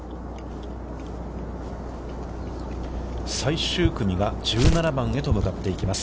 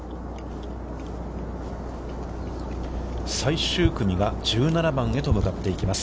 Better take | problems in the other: second | background sound (Tearing); 1 dB below the speech

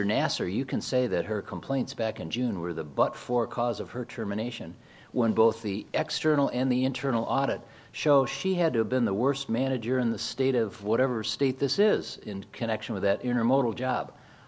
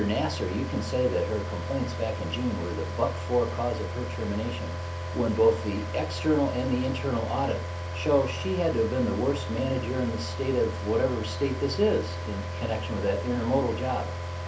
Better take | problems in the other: first | background sound (Car); 5 dB below the speech // room echo; dies away in 0.3 s

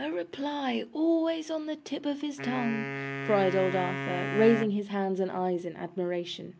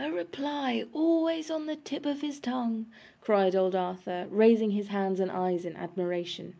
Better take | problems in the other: second | background sound (Wind instrument, woodwind instrument); 7 dB below the speech

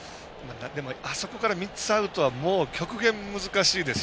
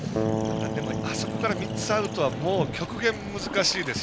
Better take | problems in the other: first | background sound (Keyboard (musical) + Sink (filling or washing)); 1 dB below the speech

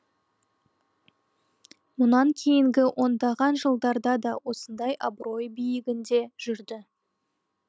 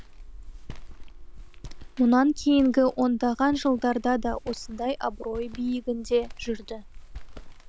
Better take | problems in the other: first | background sound (Walk, footsteps); 13 dB below the speech

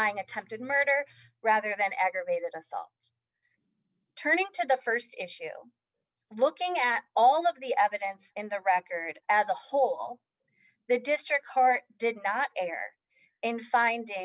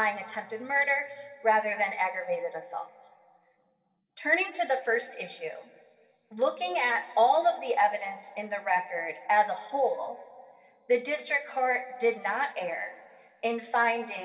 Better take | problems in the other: first | room echo; dies away in 2.6 s

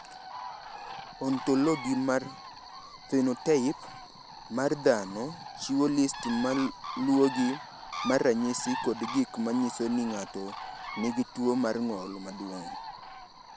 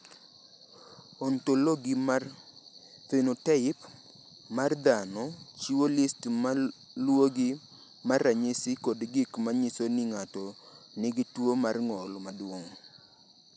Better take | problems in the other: second | background sound (Bird); 12 dB below the speech

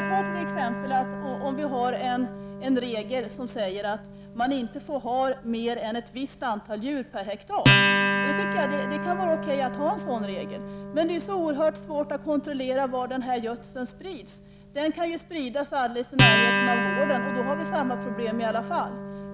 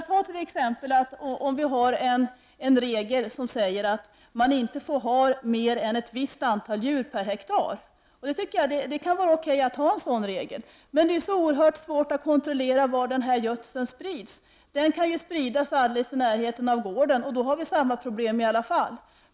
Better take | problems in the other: second | background sound (Acoustic guitar); as loud as the speech

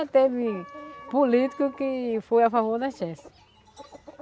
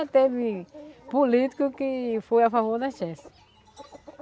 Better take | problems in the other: second | background sound (Wind instrument, woodwind instrument); 20 dB below the speech

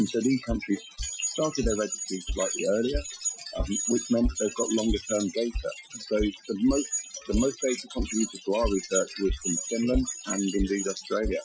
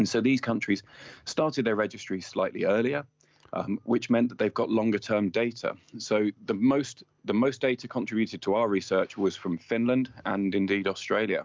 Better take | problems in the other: second | noise reduction (classical method Wiener filter)

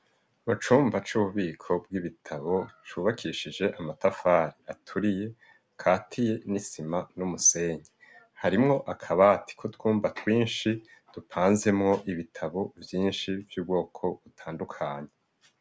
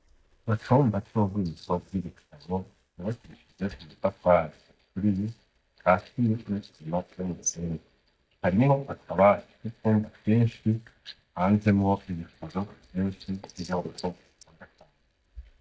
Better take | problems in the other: first | noise reduction (neural mask model DeepFilterNet 3)

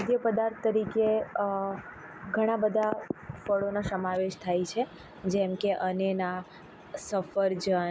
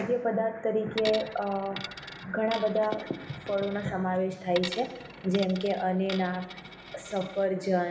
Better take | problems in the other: first | background sound (Coin (dropping)); 13 dB below the speech // room echo; dies away in 1.1 s

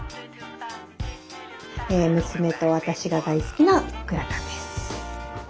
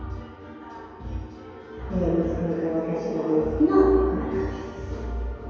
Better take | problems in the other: first | room echo; dies away in 2.2 s

